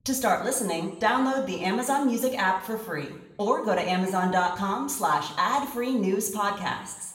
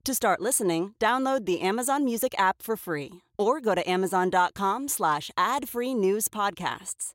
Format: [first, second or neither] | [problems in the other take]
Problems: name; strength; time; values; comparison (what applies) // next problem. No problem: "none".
second | room echo; slight; dies away in 0.7 s // off-mic speech; somewhat distant